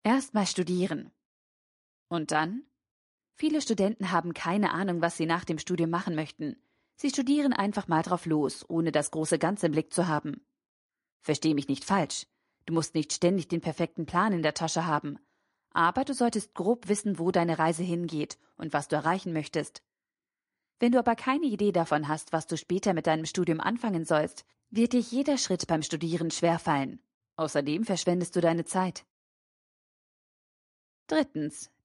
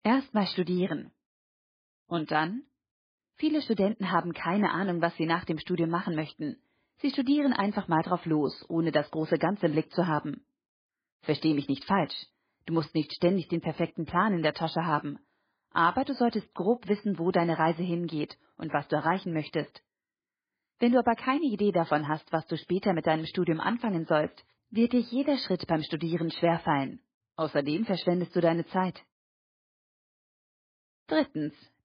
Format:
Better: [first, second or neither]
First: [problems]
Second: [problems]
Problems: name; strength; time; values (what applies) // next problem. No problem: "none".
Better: first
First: garbled, watery; slightly; nothing above 10.5 kHz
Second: garbled, watery; badly; nothing above 4.5 kHz